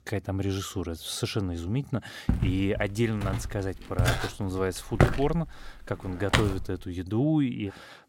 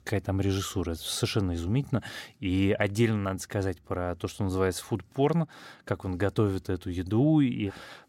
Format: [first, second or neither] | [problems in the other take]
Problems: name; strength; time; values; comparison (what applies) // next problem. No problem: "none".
second | footsteps; loud; from 2.5 to 6.5 s; peak 6 dB above the speech